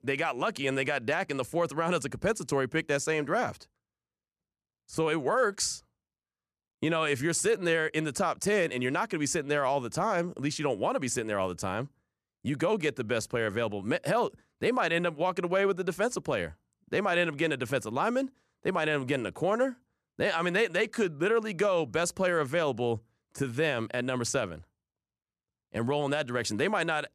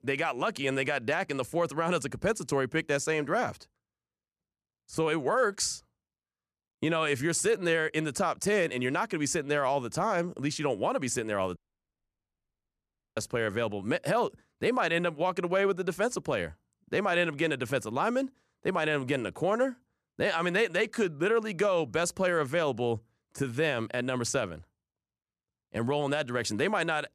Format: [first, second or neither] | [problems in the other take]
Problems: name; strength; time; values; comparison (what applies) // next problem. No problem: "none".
first | audio cutting out; at 12 s for 1.5 s